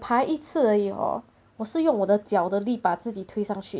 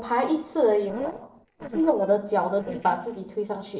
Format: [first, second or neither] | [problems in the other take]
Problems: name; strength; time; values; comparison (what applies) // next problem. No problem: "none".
first | noise reduction (neural separator model SepFormer DNS4)